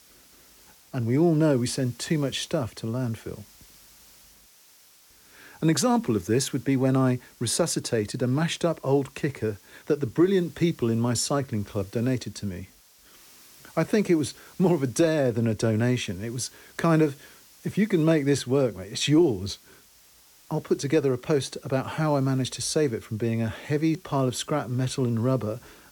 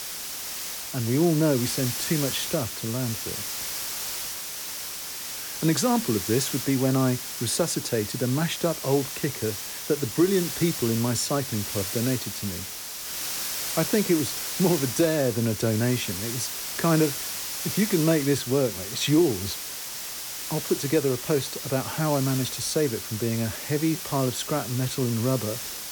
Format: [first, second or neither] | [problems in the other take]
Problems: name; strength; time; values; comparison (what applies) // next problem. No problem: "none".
first | hiss; loud; throughout; 5 dB below the speech; faint in the first